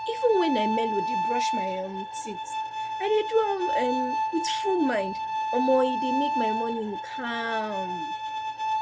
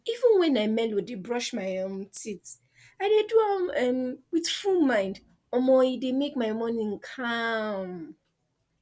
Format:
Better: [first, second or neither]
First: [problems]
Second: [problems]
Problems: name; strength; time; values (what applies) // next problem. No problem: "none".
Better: second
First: background sound (Bowed string instrument); 1 dB below the speech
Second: none